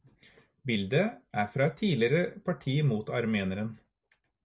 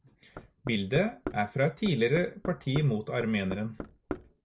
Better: first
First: none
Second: background sound (Knock); 12 dB below the speech

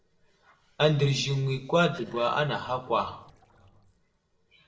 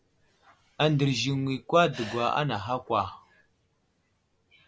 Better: second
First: noise reduction (neural separator model SepFormer DNS4)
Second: none

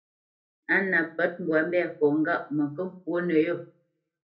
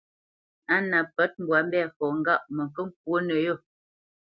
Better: second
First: room echo; dies away in 0.3 s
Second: none

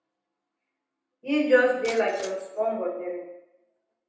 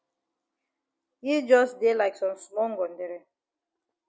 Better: second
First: background sound (Shatter); 18 dB below the speech // room echo; dies away in 0.9 s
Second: none

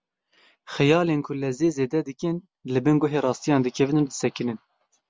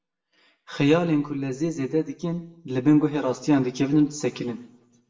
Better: first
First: none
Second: room echo; dies away in 0.7 s

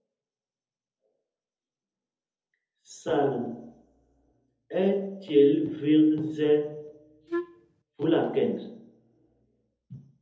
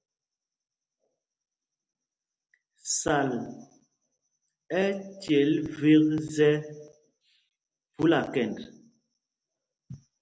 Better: second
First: background sound (Wind instrument, woodwind instrument); 6 dB below the speech // room echo; dies away in 0.7 s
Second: none

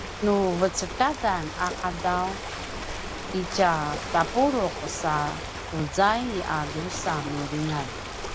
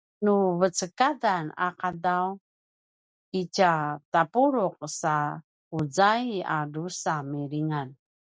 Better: second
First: background sound (Ocean); 7 dB below the speech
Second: none

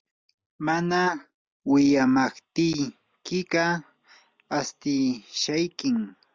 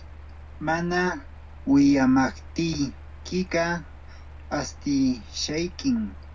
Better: first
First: none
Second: background sound (Mechanical fan); 16 dB below the speech // room echo; dies away in 0.4 s

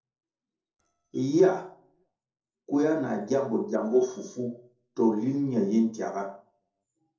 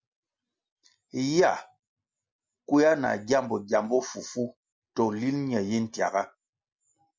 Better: second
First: noise reduction (neural separator model SepFormer DNS4)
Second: none

